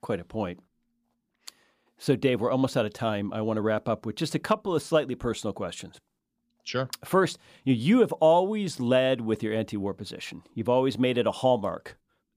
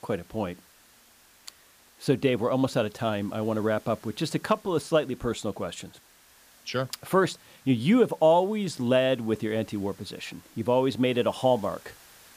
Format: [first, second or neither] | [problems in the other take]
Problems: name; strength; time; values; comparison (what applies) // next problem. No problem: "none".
first | hiss; faint; throughout; 25 dB below the speech